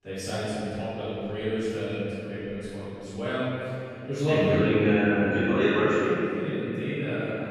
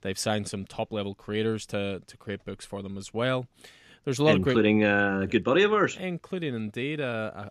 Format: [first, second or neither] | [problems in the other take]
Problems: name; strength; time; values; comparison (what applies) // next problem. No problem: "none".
second | off-mic speech; far // room echo; strong; dies away in 3 s